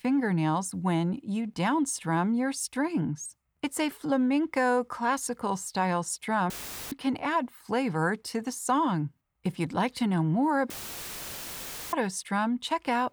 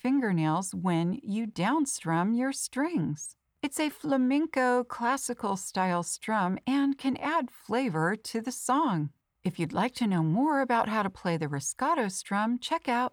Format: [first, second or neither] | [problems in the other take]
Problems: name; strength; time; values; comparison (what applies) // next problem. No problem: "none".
second | audio cutting out; filled with static; at 6.5 s and at 11 s for 1 s